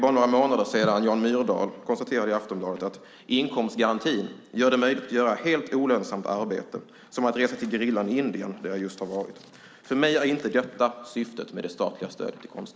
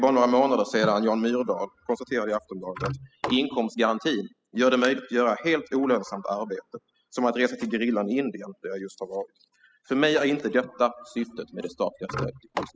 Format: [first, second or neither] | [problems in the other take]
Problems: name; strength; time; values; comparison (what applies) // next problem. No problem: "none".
first | noise reduction (classical method spectral subtraction)